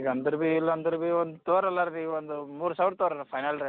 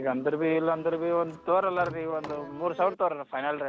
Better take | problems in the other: first | background sound (Accordion + Sliding door); 18 dB below the speech

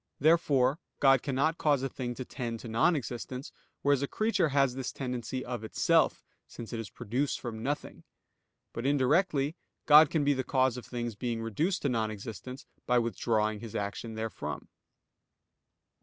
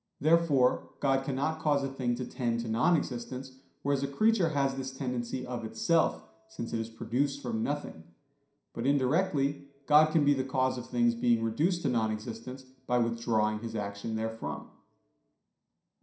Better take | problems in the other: first | room echo; dies away in 0.5 s

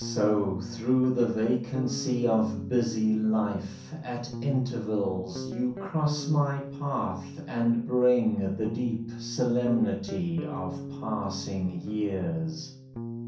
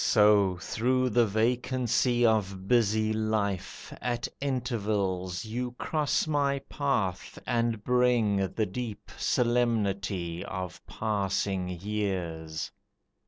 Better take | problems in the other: second | background sound (Guitar); 11 dB below the speech // room echo; dies away in 0.6 s

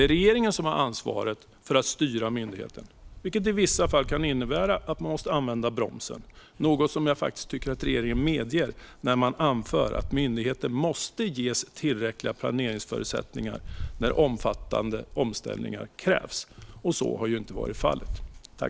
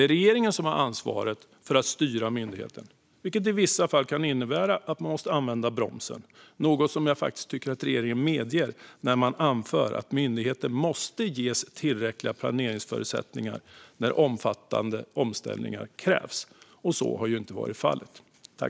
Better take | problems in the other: second | background sound (Wind); 13 dB below the speech

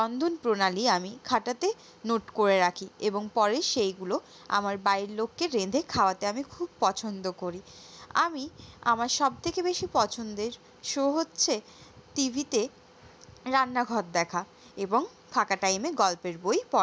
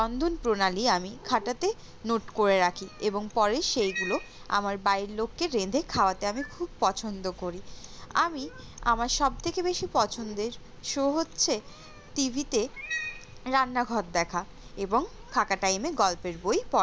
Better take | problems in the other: first | background sound (Cat); 14 dB below the speech

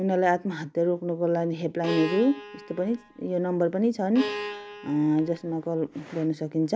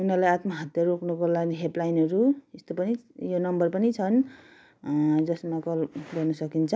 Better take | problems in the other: second | background sound (Bowed string instrument); 12 dB below the speech

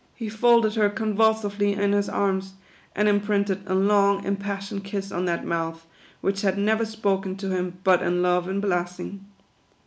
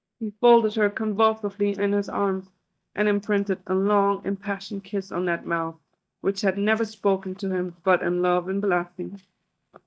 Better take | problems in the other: first | noise reduction (neural mask model DeepFilterNet 3)

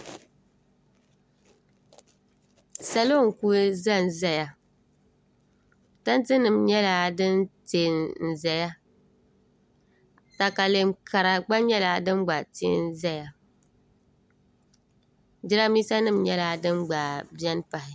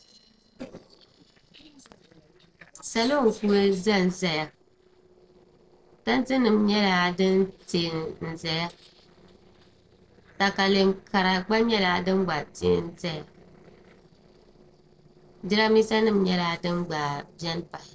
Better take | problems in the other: first | noise reduction (neural separator model SepFormer DNS4)

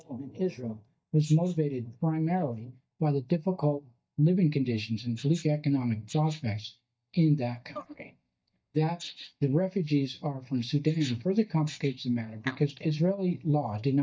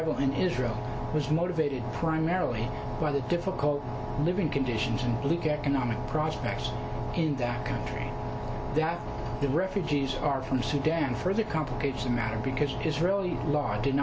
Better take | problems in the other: second | noise reduction (neural mask model DeepFilterNet 3)

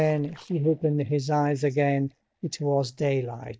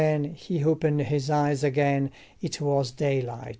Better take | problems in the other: second | noise reduction (neural mask model DeepFilterNet 3)

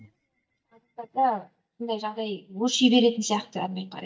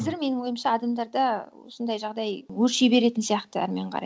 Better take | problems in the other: second | noise reduction (neural mask model DeepFilterNet 3)

